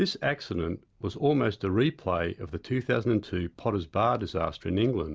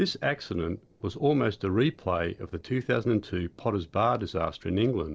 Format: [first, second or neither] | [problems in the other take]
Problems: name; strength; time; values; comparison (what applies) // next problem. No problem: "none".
first | noise reduction (neural separator model SepFormer DNS4)